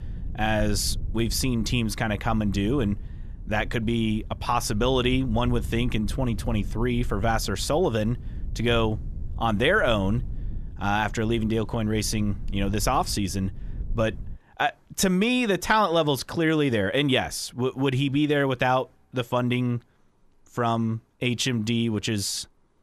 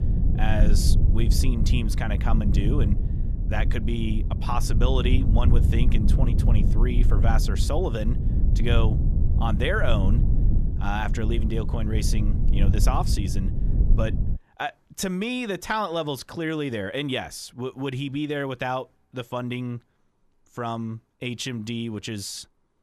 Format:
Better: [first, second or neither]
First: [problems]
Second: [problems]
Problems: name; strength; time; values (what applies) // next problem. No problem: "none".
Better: first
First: low rumble; faint; until 14 s; 25 dB below the speech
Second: low rumble; loud; until 14 s; 8 dB below the speech